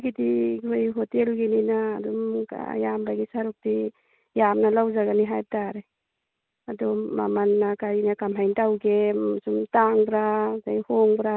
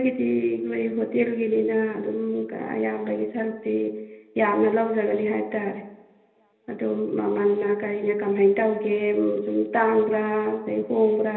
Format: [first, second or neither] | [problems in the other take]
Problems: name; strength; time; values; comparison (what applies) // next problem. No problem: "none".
first | room echo; dies away in 1.4 s